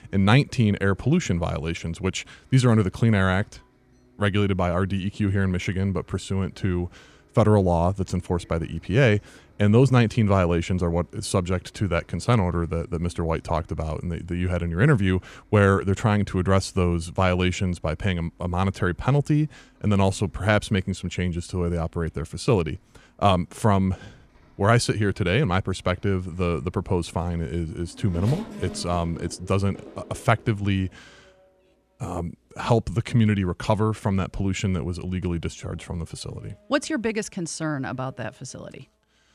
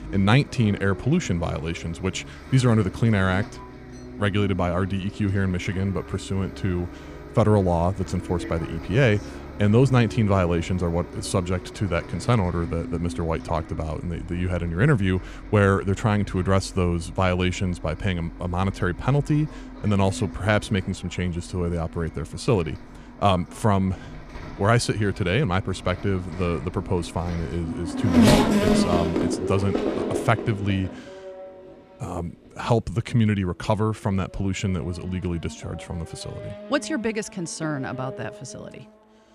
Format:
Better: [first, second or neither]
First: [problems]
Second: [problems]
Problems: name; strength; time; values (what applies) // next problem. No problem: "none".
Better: first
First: traffic noise; faint; throughout; 25 dB below the speech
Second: traffic noise; loud; throughout; 7 dB below the speech